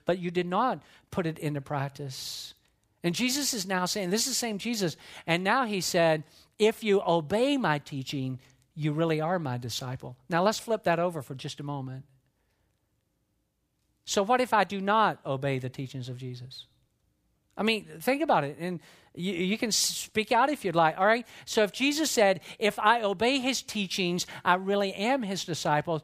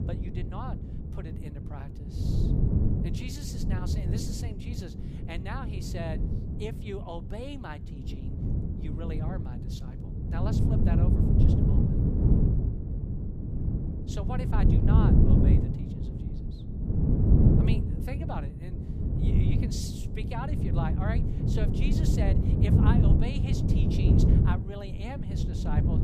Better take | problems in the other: first | wind noise on the microphone; heavy; 3 dB above the speech

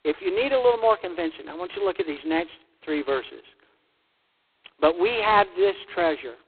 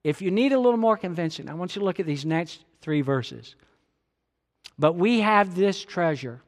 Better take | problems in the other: second | phone-call audio; poor line; nothing above 4 kHz

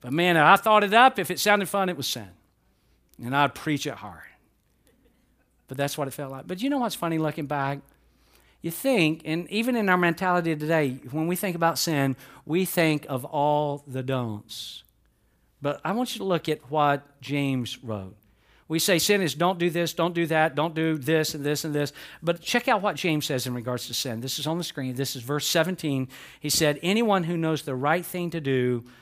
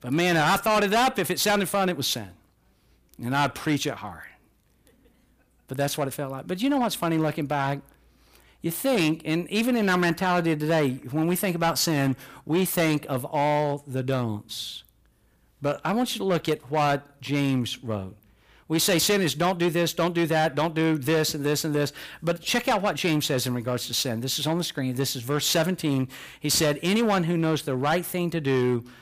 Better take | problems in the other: first | distortion; heavy; 8% of the sound clipped

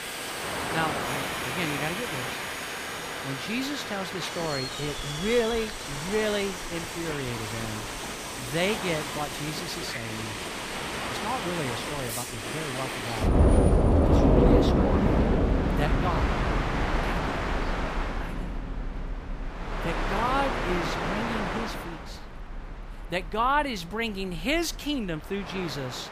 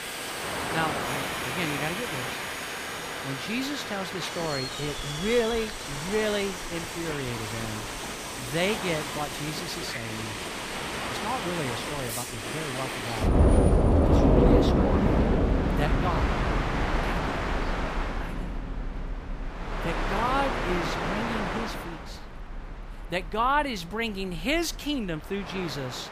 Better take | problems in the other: neither | train or aircraft noise; very loud; throughout; 3 dB above the speech; the same in both

